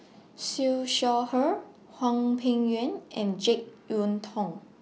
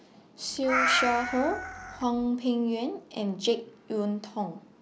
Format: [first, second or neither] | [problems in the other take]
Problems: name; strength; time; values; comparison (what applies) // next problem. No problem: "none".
first | background sound (Meow); as loud as the speech